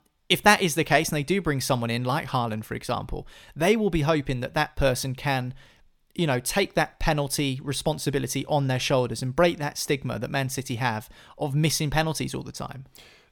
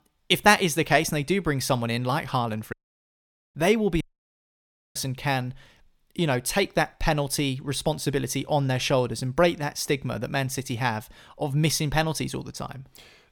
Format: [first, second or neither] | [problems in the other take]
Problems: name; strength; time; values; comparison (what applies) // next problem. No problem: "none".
first | audio cutting out; at 2.5 s for 1 s and at 4 s for 1 s